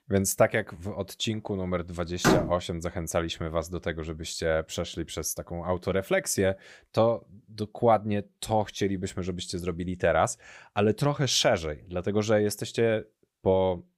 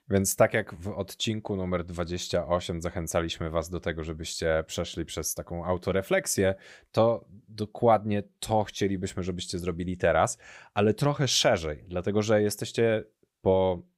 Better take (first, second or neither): second